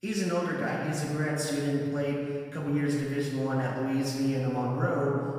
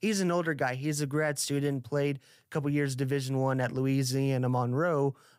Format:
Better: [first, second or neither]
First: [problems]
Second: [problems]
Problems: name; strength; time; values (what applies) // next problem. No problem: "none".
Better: second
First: off-mic speech; far // room echo; noticeable; dies away in 1.9 s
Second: none